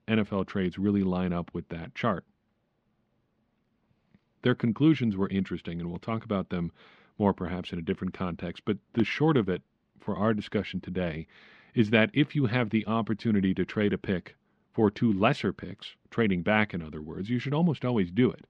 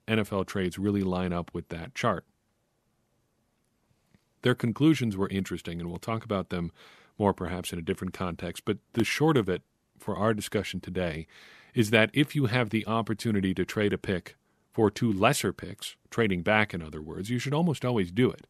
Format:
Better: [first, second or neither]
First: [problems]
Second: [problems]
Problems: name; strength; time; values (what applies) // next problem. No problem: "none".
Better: second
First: muffled; slightly; fading above 3.5 kHz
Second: none